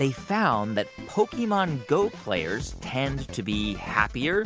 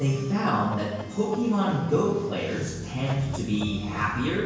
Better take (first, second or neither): first